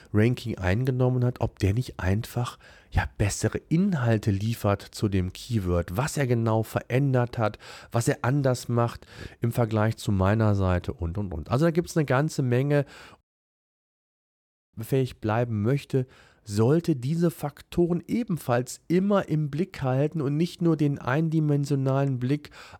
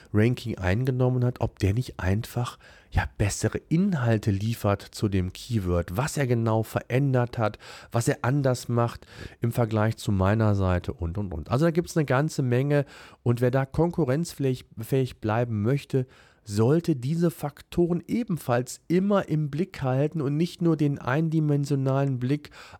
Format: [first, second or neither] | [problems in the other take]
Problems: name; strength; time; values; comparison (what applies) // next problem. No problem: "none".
second | audio cutting out; at 13 s for 1.5 s